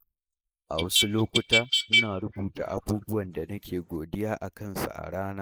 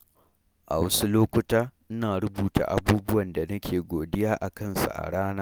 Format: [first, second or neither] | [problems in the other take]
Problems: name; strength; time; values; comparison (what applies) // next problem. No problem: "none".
second | noise reduction (neural mask model Resemble Enhance denoiser)